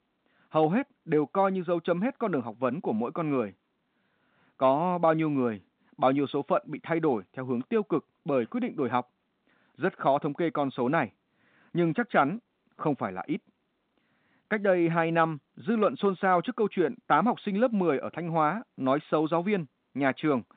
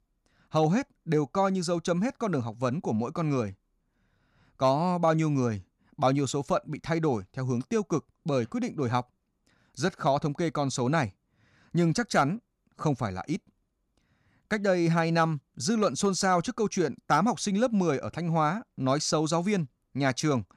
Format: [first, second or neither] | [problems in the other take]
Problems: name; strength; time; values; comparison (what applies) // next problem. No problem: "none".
second | phone-call audio; nothing above 4 kHz